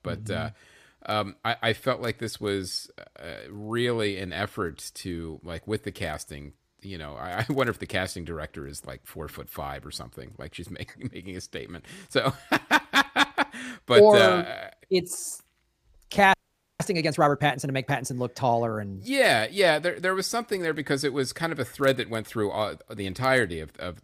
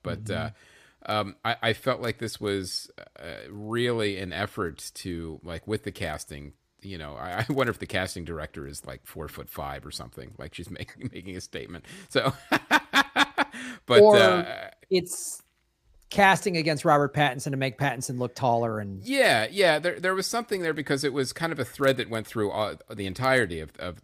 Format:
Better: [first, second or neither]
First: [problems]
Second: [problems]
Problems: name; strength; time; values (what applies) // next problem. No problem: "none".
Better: second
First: audio freezing; at 16 s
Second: none